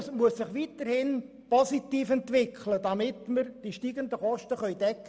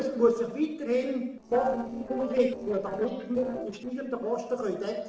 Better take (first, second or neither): first